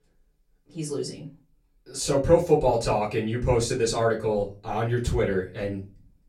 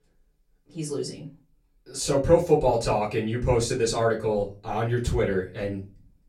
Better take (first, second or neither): neither